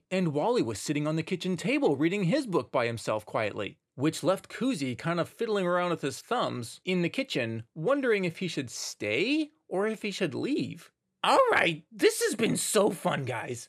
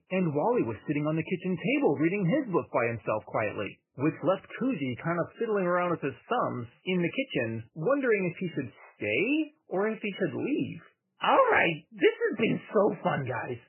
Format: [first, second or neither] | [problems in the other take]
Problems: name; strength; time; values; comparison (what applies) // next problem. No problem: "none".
first | garbled, watery; badly; nothing above 3 kHz